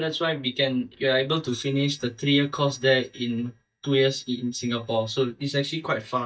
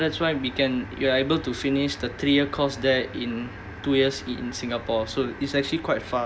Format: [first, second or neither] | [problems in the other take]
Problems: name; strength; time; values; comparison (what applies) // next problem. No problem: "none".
second | noise reduction (neural mask model DeepFilterNet 3)